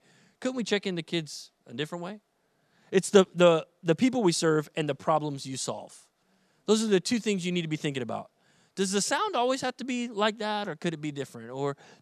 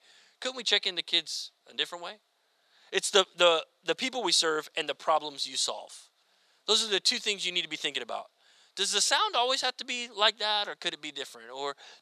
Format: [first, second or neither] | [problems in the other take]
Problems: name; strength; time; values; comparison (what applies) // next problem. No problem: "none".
first | thin; very; fading below 650 Hz